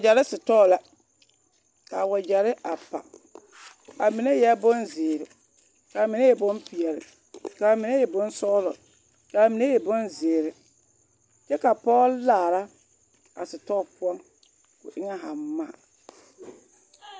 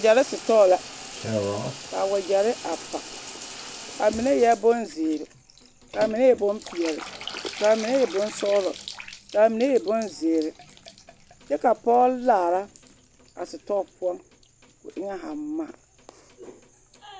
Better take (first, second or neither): first